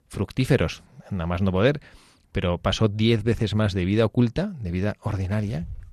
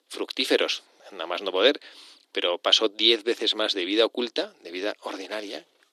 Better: first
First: none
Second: thin; very; fading below 300 Hz

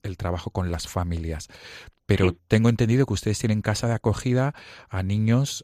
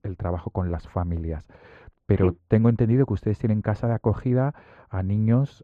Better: first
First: none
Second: muffled; very; fading above 3 kHz

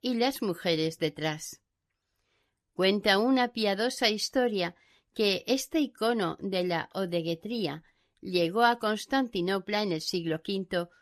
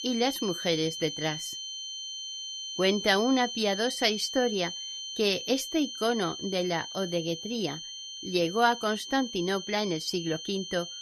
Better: first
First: none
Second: high-pitched whine; loud; throughout; 3 kHz, 7 dB below the speech

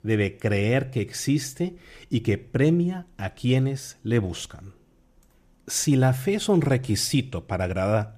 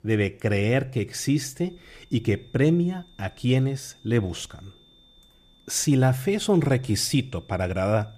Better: first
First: none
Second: high-pitched whine; faint; from 1.5 s on; 3.5 kHz, 30 dB below the speech

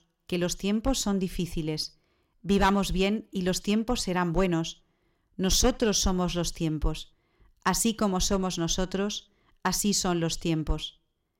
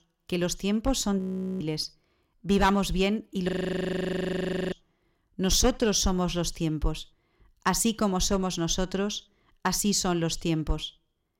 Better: first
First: none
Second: audio freezing; at 1 s and at 3.5 s for 1 s

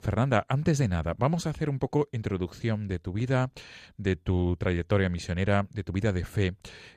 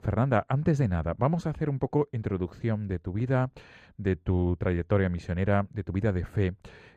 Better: first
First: none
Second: muffled; slightly; fading above 2.5 kHz

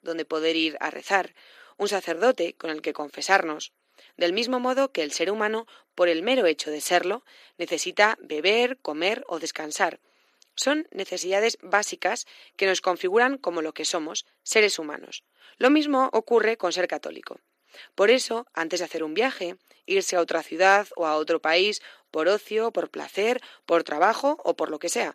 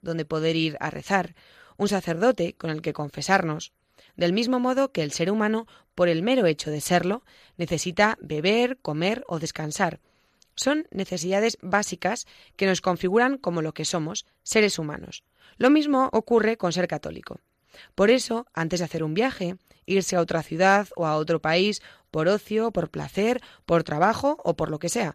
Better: second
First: thin; somewhat; fading below 300 Hz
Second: none

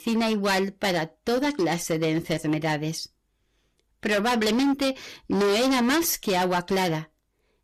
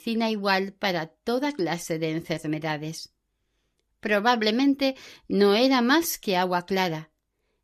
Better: second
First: distortion; heavy; 16% of the sound clipped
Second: none

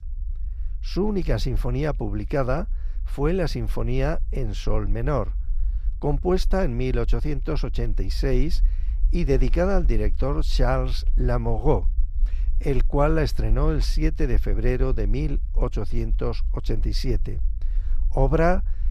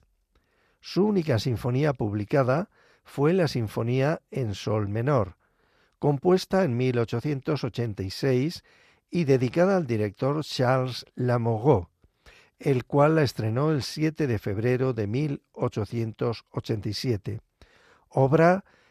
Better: second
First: low rumble; faint; throughout; 25 dB below the speech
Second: none

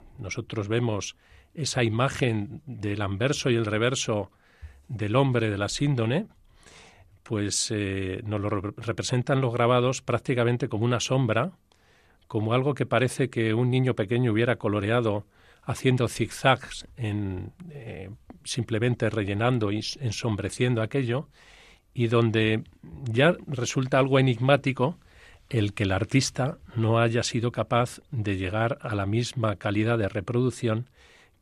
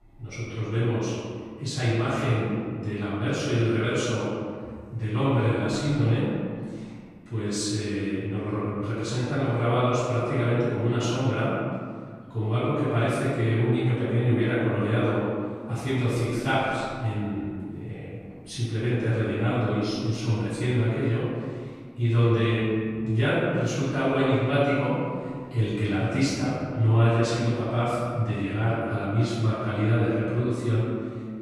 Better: first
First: none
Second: off-mic speech; far // room echo; strong; dies away in 1.9 s

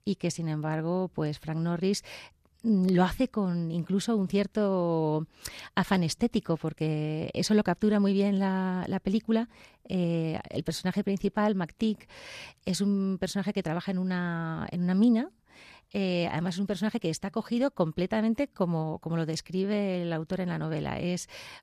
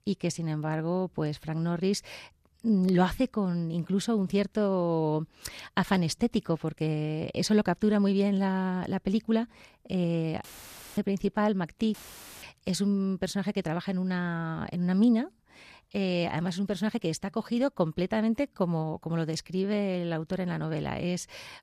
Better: first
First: none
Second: audio cutting out; filled with static; at 10 s for 0.5 s and at 12 s

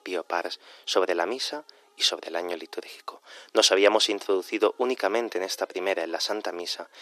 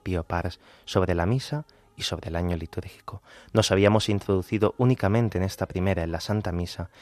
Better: second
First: thin; very; fading below 300 Hz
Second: none

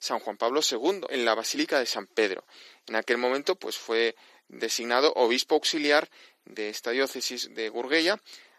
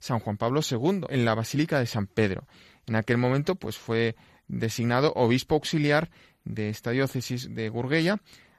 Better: second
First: thin; somewhat; fading below 300 Hz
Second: none

